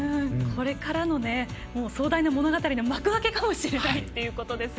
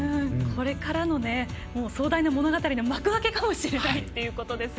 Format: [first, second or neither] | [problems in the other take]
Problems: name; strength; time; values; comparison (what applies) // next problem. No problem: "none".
first | background sound (Bass guitar); 15 dB below the speech